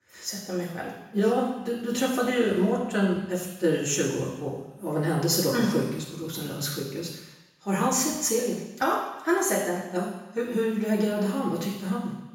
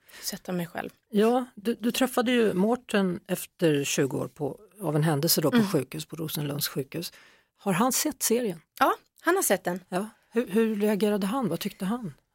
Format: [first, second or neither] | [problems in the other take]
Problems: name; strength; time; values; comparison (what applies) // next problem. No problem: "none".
second | room echo; noticeable; dies away in 1 s // off-mic speech; far